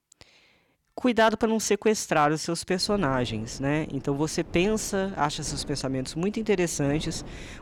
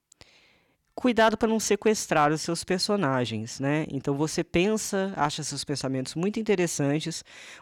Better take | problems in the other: second | wind noise on the microphone; faint; from 3 s on; 20 dB below the speech

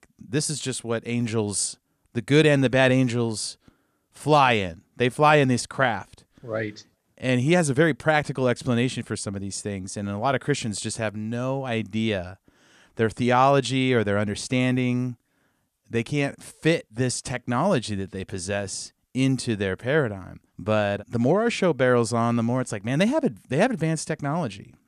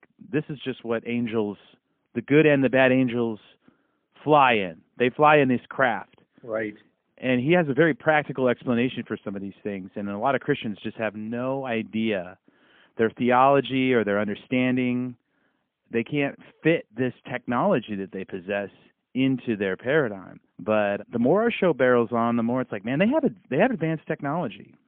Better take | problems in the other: first | phone-call audio; poor line; nothing above 3.5 kHz

